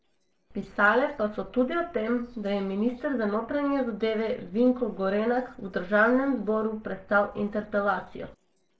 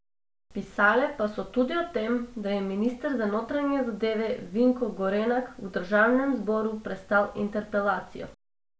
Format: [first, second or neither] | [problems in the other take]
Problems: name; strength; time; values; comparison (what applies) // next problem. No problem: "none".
second | noise reduction (neural separator model SepFormer DNS4)